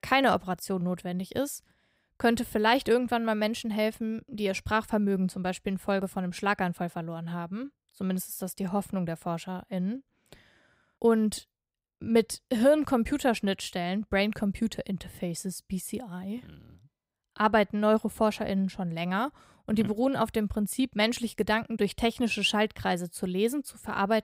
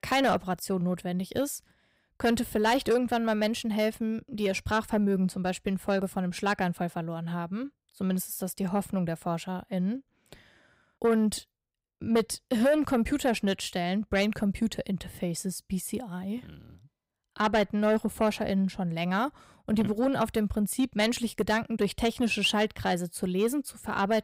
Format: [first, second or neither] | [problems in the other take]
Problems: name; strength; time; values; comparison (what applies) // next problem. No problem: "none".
first | distortion; slight; 10 dB below the speech